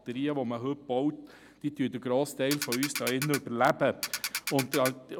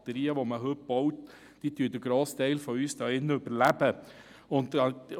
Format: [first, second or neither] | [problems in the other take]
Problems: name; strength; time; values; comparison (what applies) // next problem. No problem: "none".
second | background sound (Ratchet, pawl); 6 dB below the speech